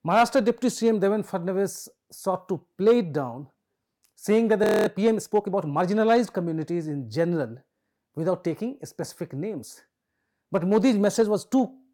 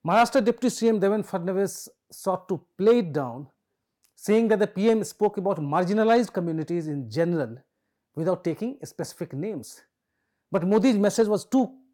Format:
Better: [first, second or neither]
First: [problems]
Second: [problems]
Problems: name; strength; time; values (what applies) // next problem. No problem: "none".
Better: second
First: audio freezing; at 4.5 s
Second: none